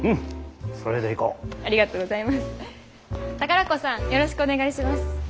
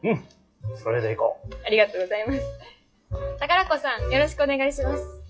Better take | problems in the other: first | noise reduction (classical method WPE with log-MMSE)

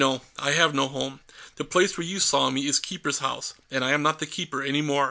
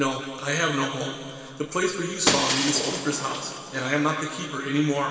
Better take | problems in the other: first | background sound (Shatter); 6 dB below the speech // room echo; dies away in 2.4 s

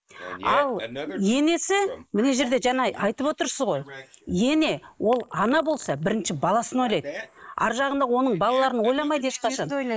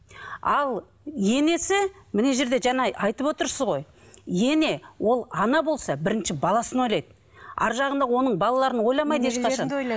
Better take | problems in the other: second | noise reduction (neural mask model Resemble Enhance denoiser)

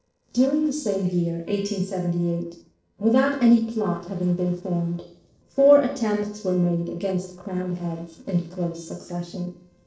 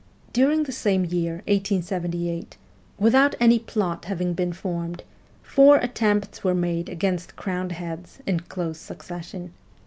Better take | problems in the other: second | noise reduction (neural separator model SepFormer DNS4)

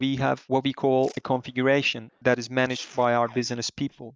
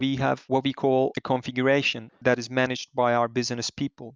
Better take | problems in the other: second | noise reduction (neural mask model DeepFilterNet 3)

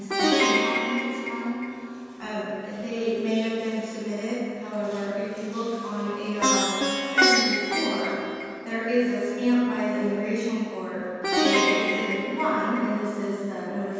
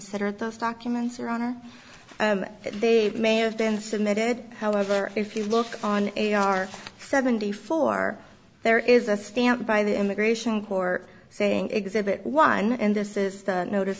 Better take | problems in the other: second | background sound (Plucked string instrument); 1 dB below the speech // room echo; dies away in 2.1 s

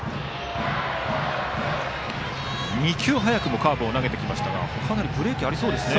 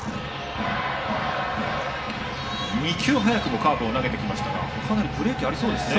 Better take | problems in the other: first | room echo; dies away in 1 s

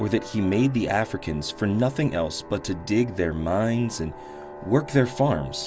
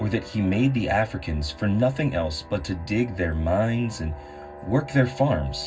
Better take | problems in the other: first | room echo; dies away in 0.4 s

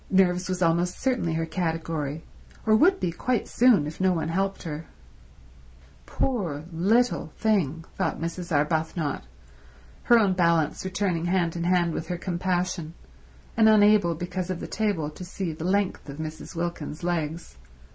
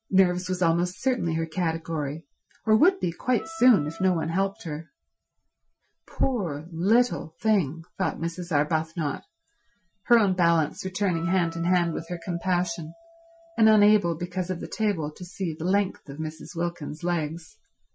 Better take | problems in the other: first | noise reduction (classical method Wiener filter)

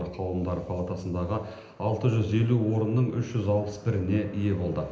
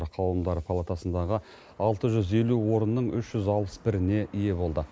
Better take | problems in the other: second | room echo; dies away in 0.8 s

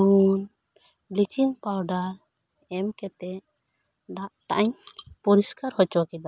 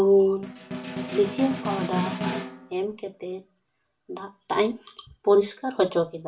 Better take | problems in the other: first | background sound (Snare drum); 7 dB below the speech // room echo; dies away in 0.2 s

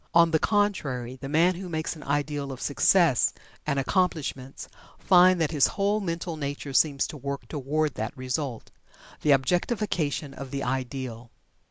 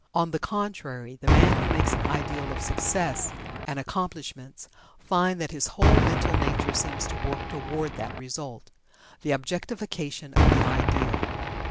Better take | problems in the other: first | background sound (Cheering / Fireworks); 4 dB above the speech

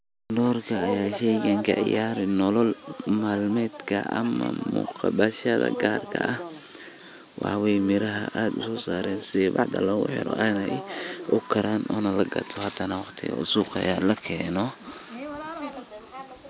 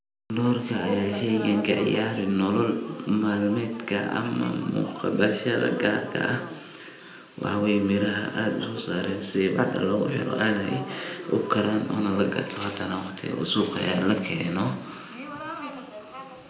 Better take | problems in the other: first | room echo; dies away in 0.7 s

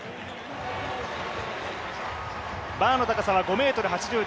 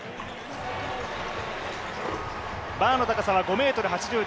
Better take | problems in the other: first | background sound (Sink (filling or washing)); 15 dB below the speech

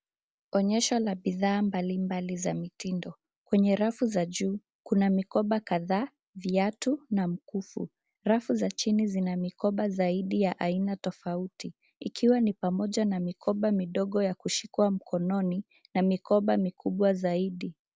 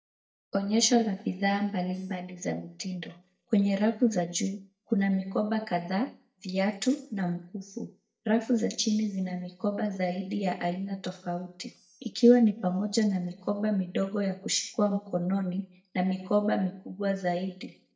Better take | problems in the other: first | noise reduction (neural mask model DeepFilterNet 3)

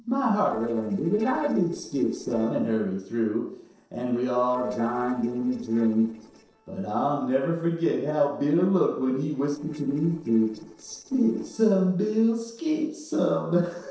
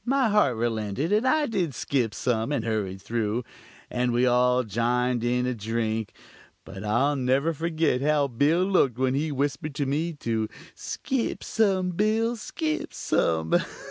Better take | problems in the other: second | noise reduction (neural separator model SepFormer DNS4)

